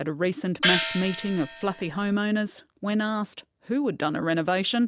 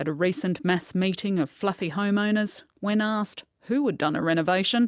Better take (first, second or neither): second